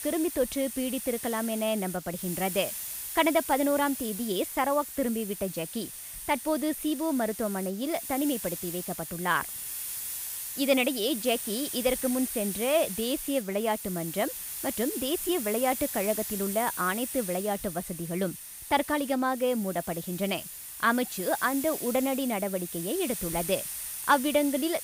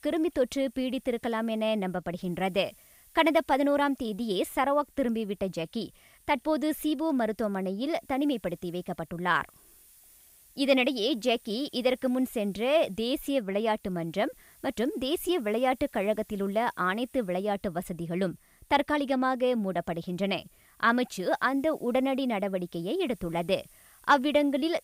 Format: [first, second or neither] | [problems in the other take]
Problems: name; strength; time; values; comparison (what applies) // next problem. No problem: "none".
second | hiss; loud; throughout; 6 dB below the speech; faint in the second